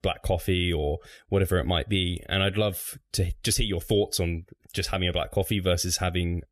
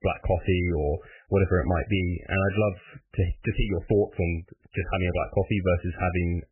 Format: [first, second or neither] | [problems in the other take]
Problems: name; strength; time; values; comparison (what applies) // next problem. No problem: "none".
first | garbled, watery; badly; nothing above 3 kHz